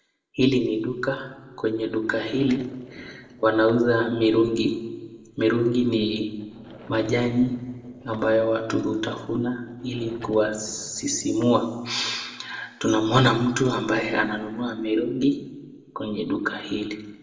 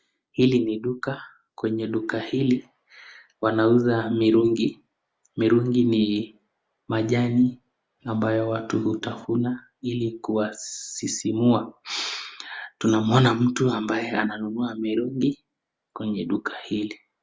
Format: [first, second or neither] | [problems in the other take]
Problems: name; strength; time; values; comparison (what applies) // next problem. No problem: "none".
second | noise reduction (neural separator model SepFormer DNS4)